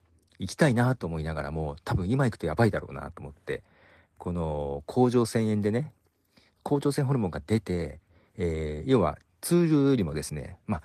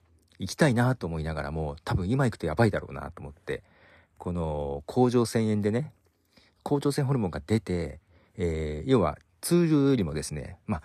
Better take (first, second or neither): second